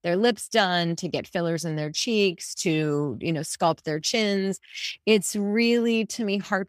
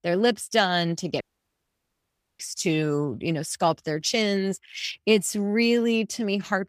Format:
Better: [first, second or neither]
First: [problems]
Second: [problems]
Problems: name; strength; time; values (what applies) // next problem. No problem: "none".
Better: first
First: none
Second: audio cutting out; at 1 s for 1 s